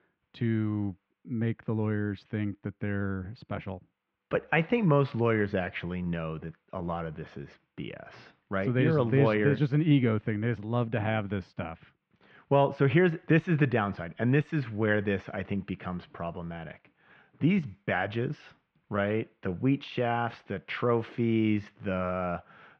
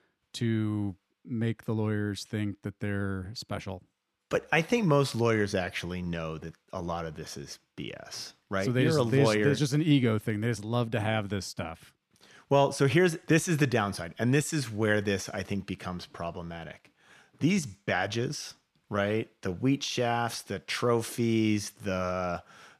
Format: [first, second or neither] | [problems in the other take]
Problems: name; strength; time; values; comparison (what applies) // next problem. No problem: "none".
second | muffled; very; fading above 3 kHz